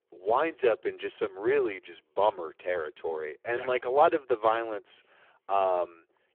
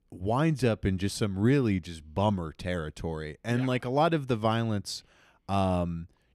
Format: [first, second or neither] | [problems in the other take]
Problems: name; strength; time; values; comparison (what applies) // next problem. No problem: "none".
second | phone-call audio; poor line